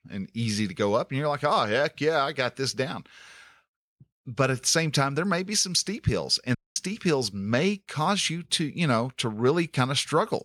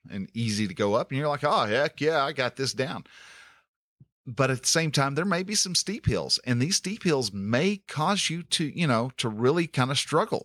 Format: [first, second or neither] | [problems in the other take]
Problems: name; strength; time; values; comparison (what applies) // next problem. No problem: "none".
second | audio cutting out; at 6.5 s